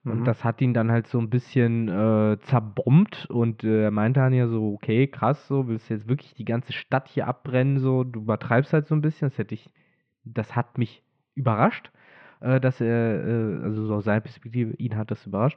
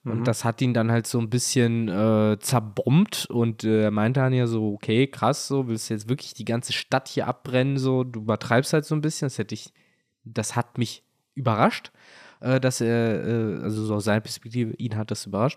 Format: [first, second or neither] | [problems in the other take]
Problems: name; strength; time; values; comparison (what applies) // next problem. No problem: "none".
second | muffled; very; fading above 2.5 kHz